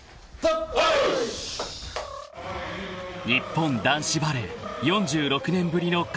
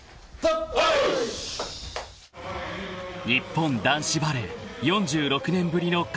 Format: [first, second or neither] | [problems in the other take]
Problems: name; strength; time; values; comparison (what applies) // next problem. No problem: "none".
second | background sound (Animal); 16 dB below the speech